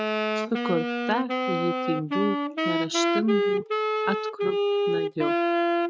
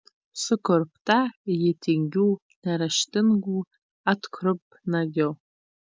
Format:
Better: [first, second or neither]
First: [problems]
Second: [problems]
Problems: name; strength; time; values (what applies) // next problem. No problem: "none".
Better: second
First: noise reduction (neural mask model RNNoise)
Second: none